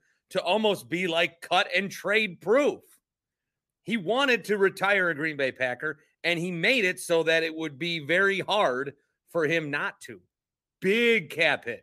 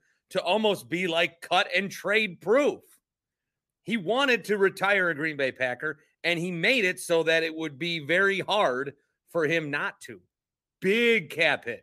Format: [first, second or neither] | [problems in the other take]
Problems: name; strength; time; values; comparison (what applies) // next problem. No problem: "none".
neither | none